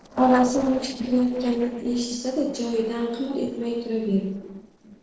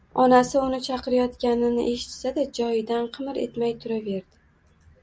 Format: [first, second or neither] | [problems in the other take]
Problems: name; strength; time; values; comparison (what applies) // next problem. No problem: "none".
second | noise reduction (neural separator model SepFormer DNS4)